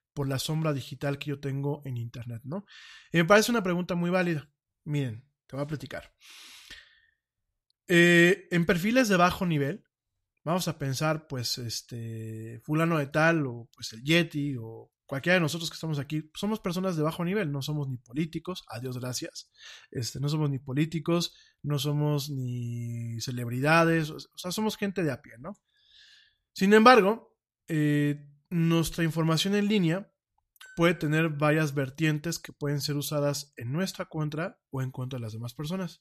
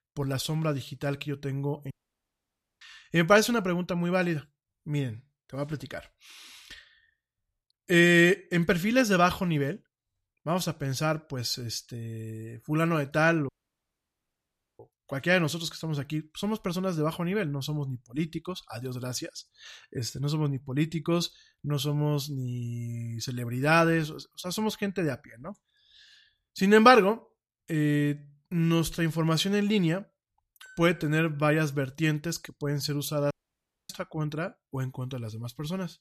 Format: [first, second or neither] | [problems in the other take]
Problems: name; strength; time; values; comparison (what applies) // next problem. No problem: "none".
first | audio cutting out; at 2 s for 1 s, at 13 s for 1.5 s and at 33 s for 0.5 s